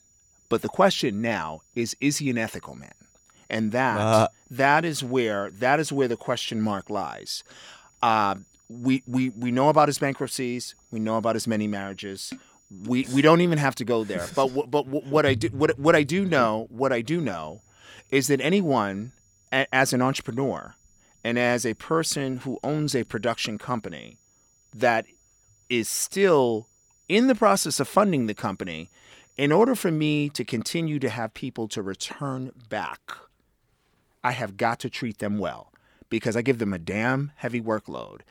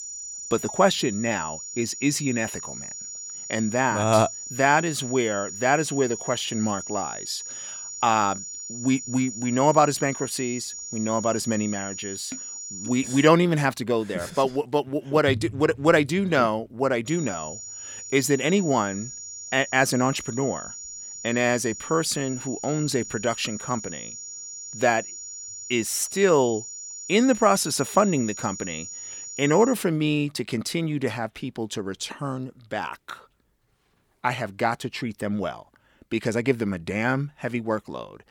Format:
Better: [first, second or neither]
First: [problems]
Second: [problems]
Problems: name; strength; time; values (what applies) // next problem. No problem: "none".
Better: first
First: high-pitched whine; faint; until 13 s and from 17 to 30 s; 7 kHz, 35 dB below the speech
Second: high-pitched whine; loud; until 13 s and from 17 to 30 s; 7 kHz, 10 dB below the speech